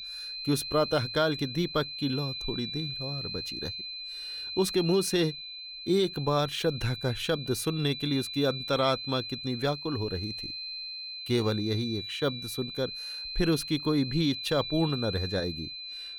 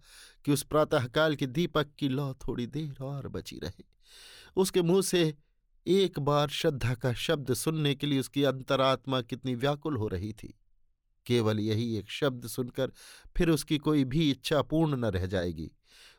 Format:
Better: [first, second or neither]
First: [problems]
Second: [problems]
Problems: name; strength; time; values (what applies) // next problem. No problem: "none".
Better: second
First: high-pitched whine; loud; throughout; 4 kHz, 6 dB below the speech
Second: none